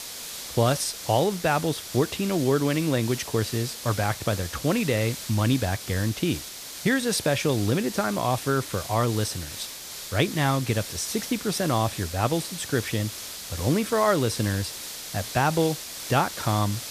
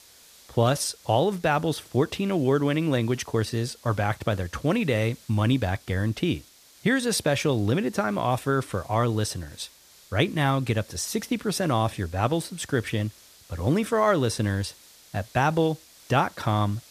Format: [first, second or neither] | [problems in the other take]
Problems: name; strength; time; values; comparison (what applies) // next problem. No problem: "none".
second | hiss; loud; throughout; 9 dB below the speech; faint in the second